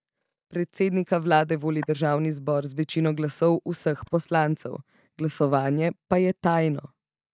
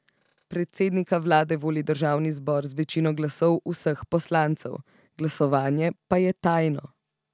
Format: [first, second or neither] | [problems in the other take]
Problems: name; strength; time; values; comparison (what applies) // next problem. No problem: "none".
second | noise reduction (neural mask model DeepFilterNet 3)